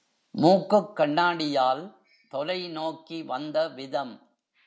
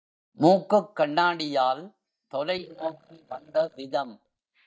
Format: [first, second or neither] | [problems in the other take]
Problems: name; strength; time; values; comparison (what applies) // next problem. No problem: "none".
first | noise reduction (neural mask model DeepFilterNet 3)